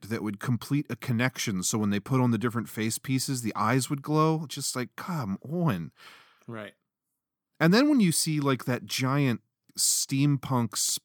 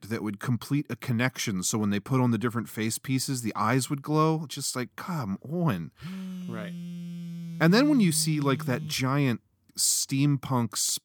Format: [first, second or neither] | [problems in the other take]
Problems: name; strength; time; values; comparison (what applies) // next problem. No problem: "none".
first | phone ringing; noticeable; from 6 to 9 s; peak 10 dB below the speech